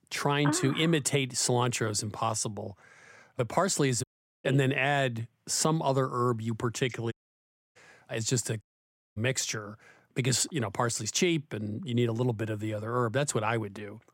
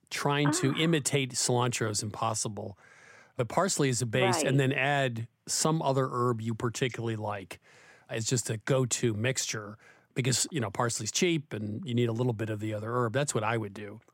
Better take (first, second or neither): second